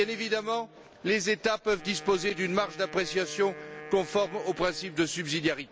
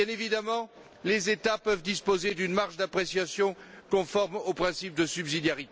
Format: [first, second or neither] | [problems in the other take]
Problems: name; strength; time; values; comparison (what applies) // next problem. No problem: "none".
second | background sound (Wind instrument, woodwind instrument); 17 dB below the speech